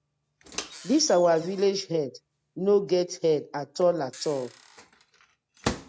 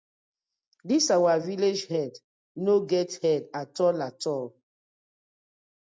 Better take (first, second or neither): second